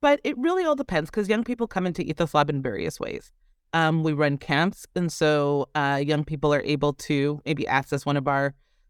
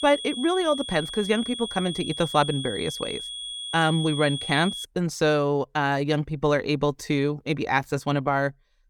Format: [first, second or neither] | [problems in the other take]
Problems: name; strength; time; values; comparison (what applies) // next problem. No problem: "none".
first | high-pitched whine; loud; until 5 s; 3.5 kHz, 7 dB below the speech